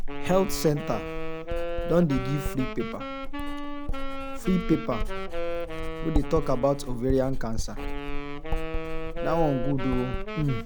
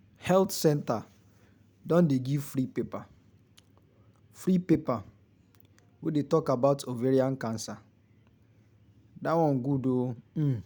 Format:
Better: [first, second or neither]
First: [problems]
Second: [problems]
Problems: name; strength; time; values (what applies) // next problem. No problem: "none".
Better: second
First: background sound (Wind instrument, woodwind instrument + Writing); as loud as the speech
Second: none